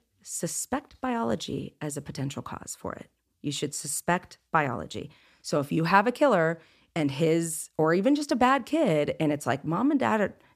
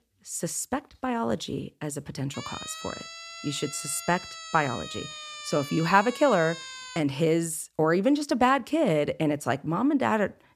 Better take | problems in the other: first | siren; faint; from 2.5 to 7 s; peak 10 dB below the speech

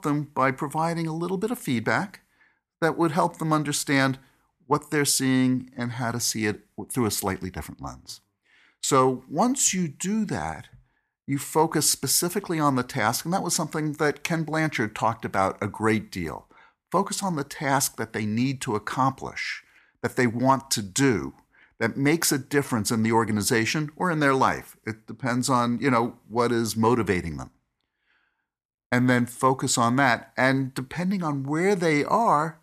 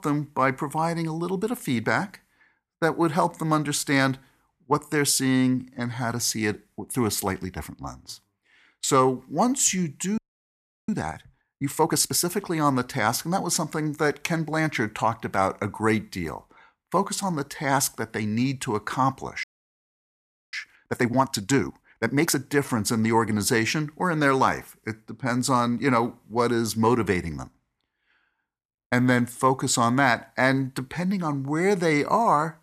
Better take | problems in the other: first | audio freezing; at 10 s for 0.5 s and at 19 s for 1 s

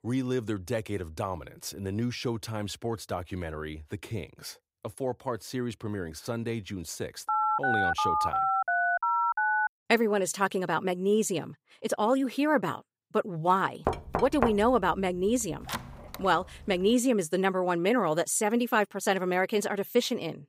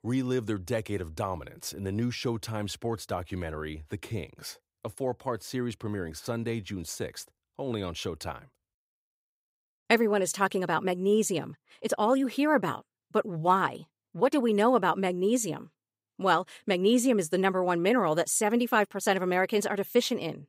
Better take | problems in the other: second | phone ringing; loud; from 7.5 to 9.5 s; peak 3 dB above the speech // door banging; noticeable; from 14 to 16 s; peak 2 dB below the speech

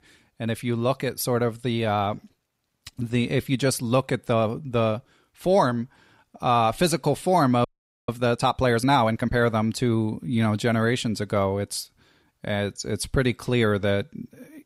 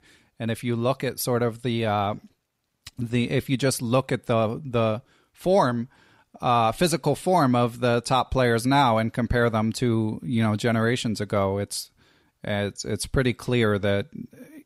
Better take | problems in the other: second | audio freezing; at 7.5 s

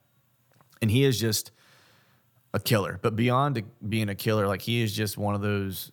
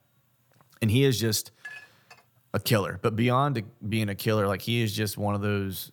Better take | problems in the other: first | clattering dishes; faint; at 1.5 s; peak 15 dB below the speech

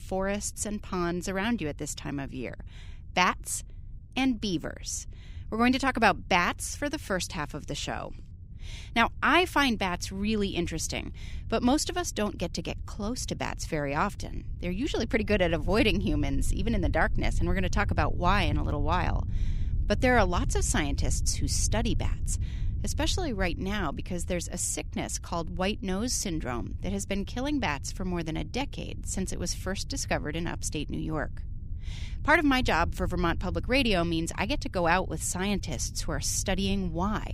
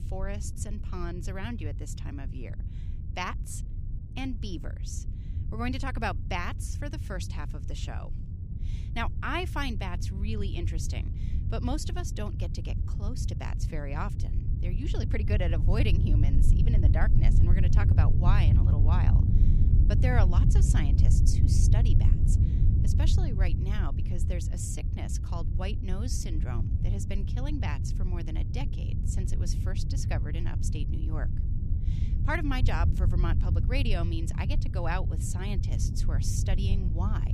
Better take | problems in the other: first | low rumble; loud; throughout; 6 dB below the speech; faint in the first

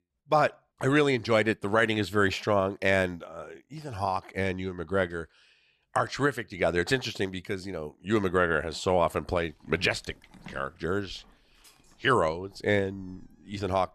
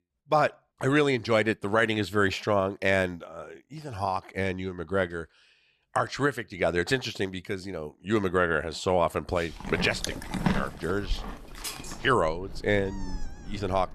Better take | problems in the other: first | animal sounds; loud; from 9.5 s on; 9 dB below the speech; faint in the first

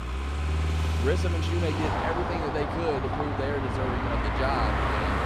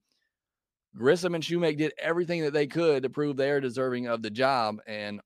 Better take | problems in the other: second | traffic noise; very loud; throughout; 4 dB above the speech

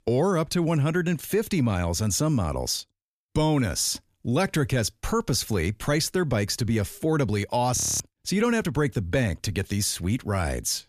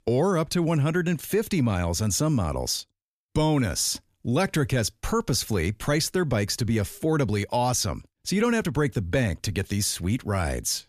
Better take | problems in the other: second | audio freezing; at 8 s

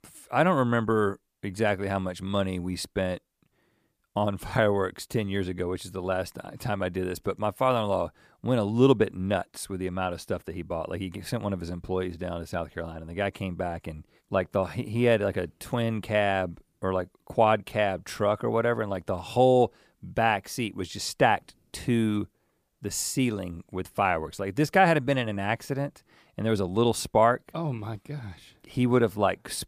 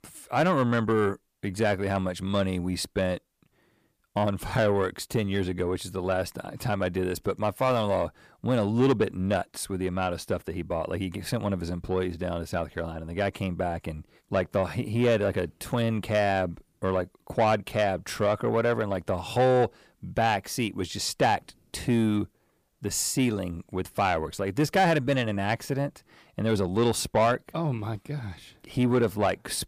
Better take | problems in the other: first | distortion; slight; 10 dB below the speech

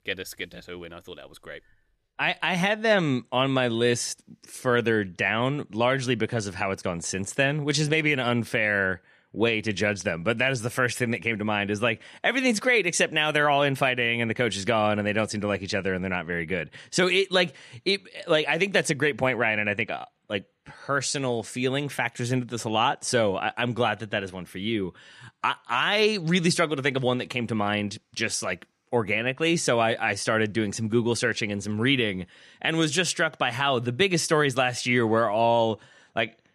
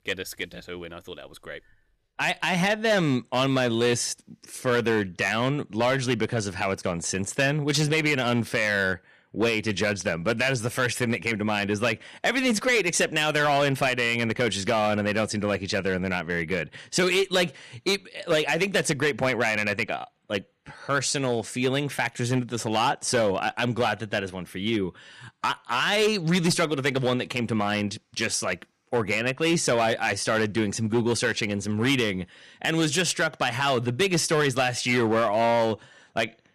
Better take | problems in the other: first | distortion; slight; 6% of the sound clipped

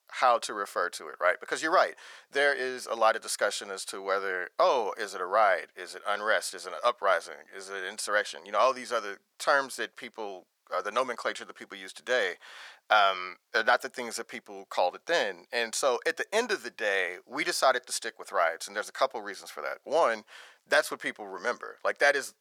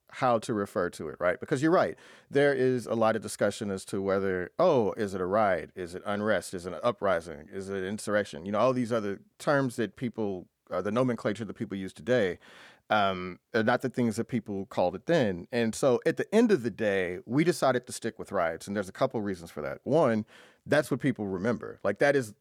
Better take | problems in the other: second | thin; very; fading below 850 Hz

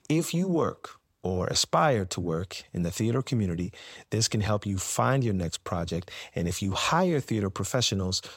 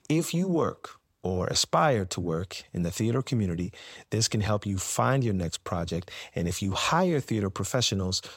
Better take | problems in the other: neither | none

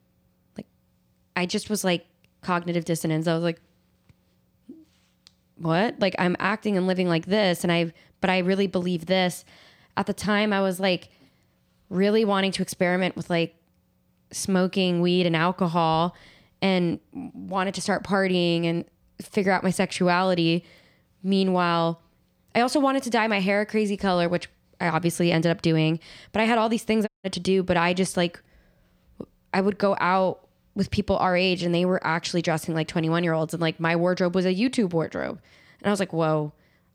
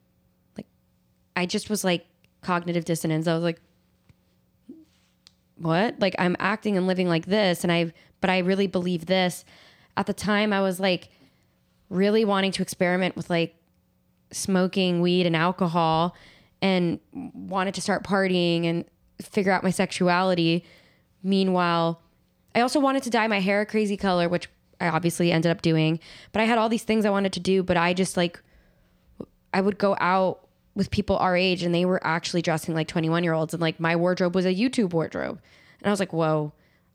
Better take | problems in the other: second | audio cutting out; at 27 s

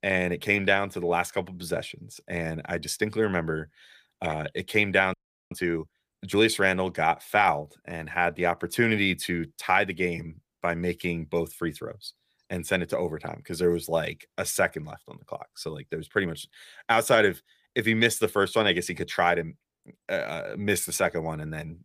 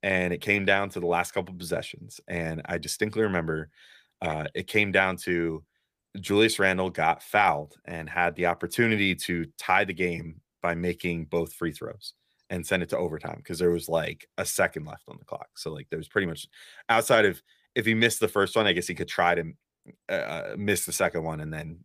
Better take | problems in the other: second | audio freezing; at 5 s

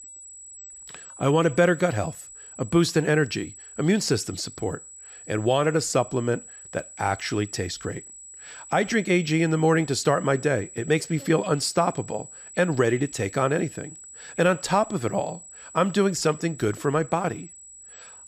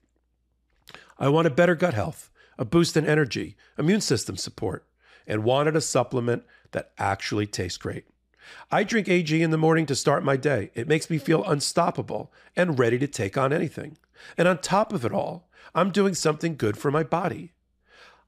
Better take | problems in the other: second | high-pitched whine; noticeable; throughout; 8 kHz, 15 dB below the speech

